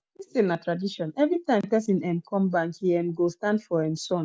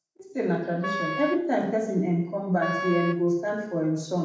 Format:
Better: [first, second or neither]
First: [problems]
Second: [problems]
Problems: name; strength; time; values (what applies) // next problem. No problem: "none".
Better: first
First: none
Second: background sound (Wind instrument, woodwind instrument); 7 dB below the speech // room echo; dies away in 0.8 s